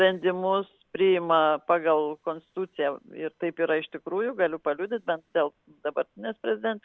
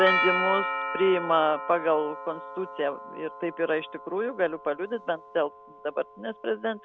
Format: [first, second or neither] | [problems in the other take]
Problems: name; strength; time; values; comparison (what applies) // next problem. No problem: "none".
first | background sound (Doorbell); 5 dB below the speech